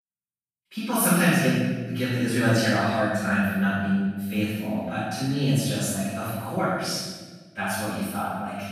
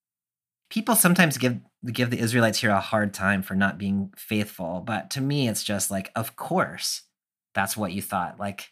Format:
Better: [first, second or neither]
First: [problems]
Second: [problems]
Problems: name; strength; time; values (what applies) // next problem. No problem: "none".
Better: second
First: room echo; strong; dies away in 1.3 s // off-mic speech; far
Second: none